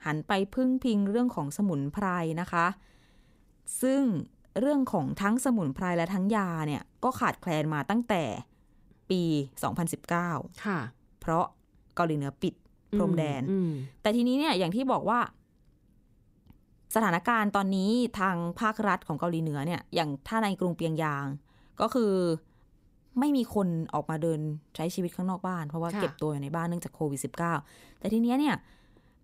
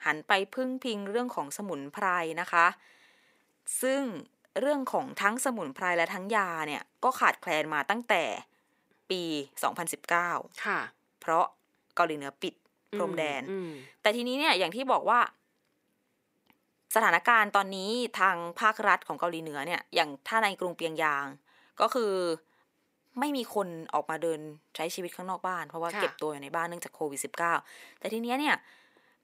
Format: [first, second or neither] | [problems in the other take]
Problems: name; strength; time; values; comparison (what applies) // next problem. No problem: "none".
first | thin; somewhat; fading below 450 Hz